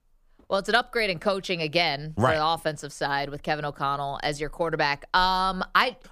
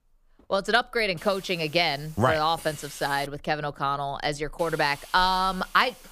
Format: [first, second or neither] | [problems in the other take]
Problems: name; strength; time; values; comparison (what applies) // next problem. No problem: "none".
first | hiss; noticeable; from 1 to 3.5 s and from 4.5 s on; 20 dB below the speech